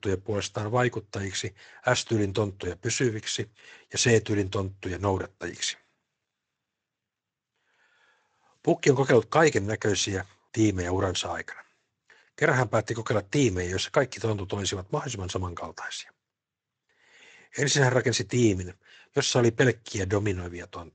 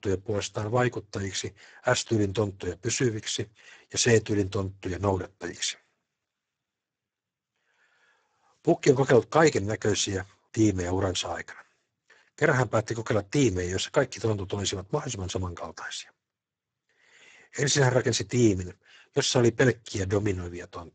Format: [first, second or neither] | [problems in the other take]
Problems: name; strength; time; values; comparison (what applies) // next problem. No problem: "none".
first | garbled, watery; badly; nothing above 7.5 kHz; slightly in the first